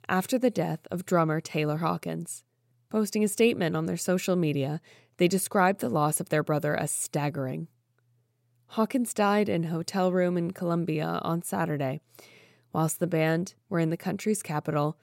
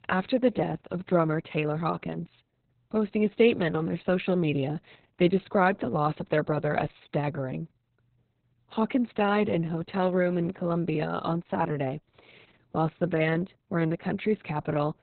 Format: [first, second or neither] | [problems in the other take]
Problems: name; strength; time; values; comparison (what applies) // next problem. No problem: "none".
first | garbled, watery; badly; nothing above 4 kHz